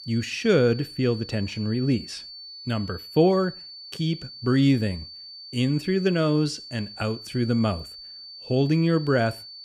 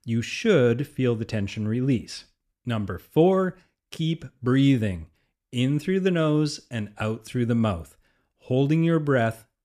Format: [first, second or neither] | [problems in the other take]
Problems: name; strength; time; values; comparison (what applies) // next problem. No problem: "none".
second | high-pitched whine; noticeable; throughout; 4.5 kHz, 15 dB below the speech